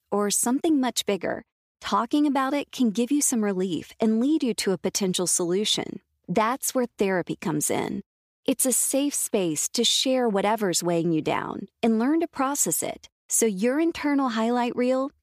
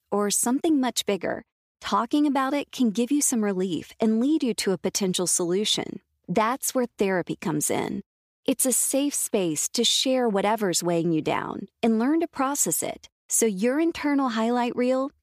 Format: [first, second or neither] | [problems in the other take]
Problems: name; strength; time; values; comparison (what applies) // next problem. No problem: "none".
neither | none